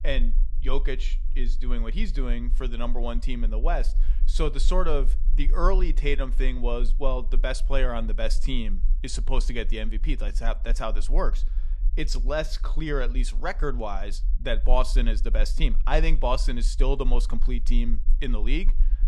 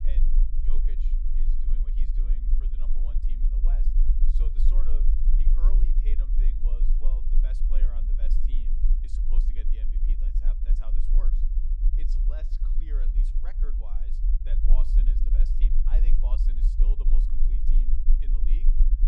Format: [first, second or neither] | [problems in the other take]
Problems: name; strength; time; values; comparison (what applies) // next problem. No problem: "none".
first | low rumble; loud; throughout; as loud as the speech; faint in the first